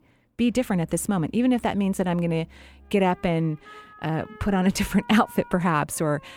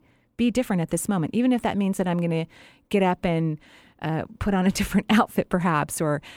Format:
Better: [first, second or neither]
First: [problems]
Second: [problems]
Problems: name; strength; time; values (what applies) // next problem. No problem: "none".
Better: second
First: background music; faint; throughout; 25 dB below the speech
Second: none